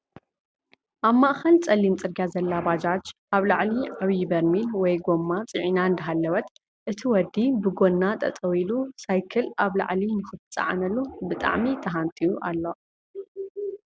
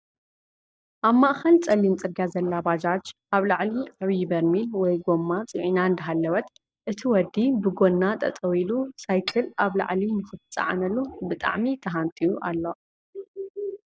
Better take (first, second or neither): first